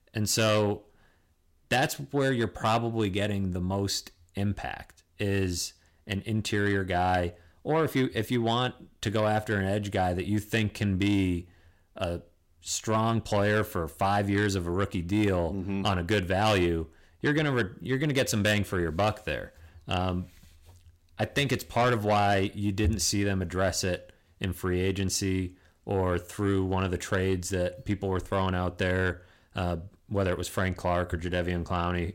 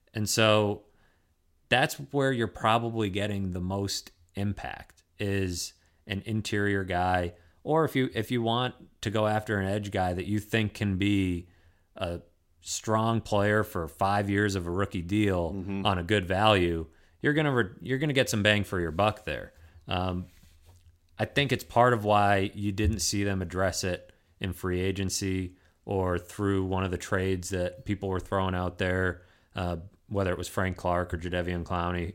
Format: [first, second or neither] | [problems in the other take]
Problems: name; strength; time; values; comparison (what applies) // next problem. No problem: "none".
second | distortion; slight; 10 dB below the speech